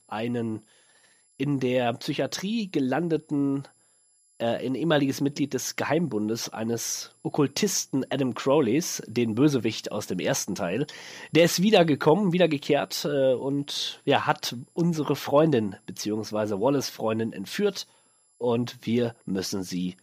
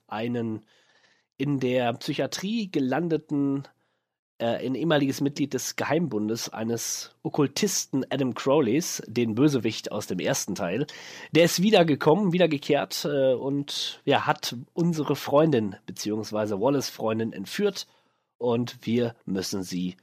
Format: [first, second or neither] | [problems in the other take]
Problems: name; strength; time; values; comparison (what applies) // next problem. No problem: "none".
second | high-pitched whine; faint; throughout; 11 kHz, 35 dB below the speech